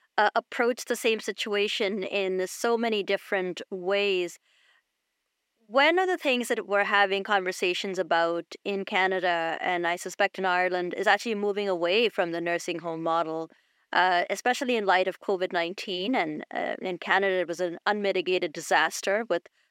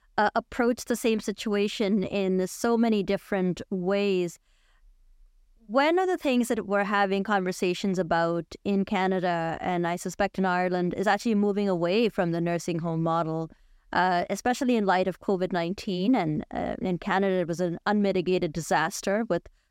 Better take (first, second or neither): second